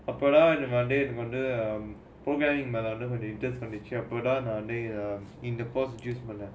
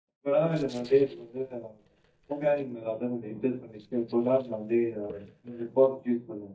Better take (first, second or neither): first